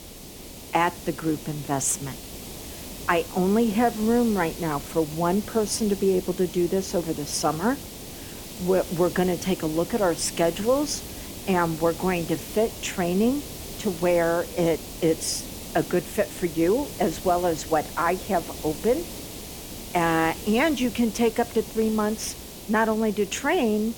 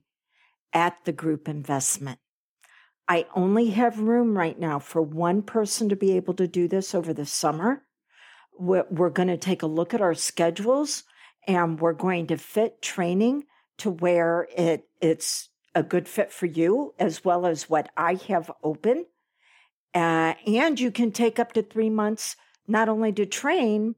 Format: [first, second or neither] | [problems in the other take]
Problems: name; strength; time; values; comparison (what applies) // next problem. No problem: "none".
second | hiss; noticeable; throughout; 10 dB below the speech